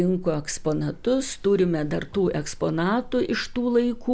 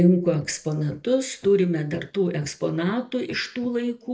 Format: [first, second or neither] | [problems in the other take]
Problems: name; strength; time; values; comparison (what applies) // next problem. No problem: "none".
first | noise reduction (neural mask model DeepFilterNet 3)